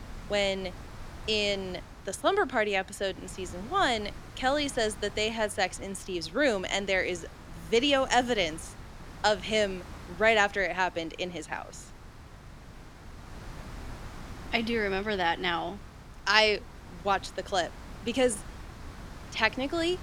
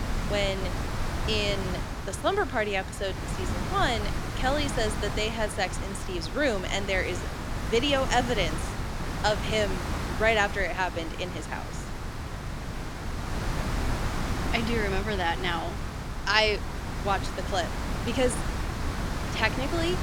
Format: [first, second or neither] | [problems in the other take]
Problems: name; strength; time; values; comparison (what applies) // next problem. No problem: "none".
first | wind noise on the microphone; heavy; 8 dB below the speech; occasional gusts in the first